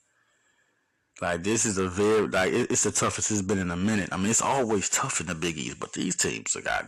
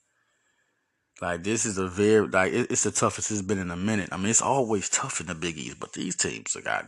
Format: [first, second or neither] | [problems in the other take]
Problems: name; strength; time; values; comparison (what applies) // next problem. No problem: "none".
second | distortion; heavy; 7% of the sound clipped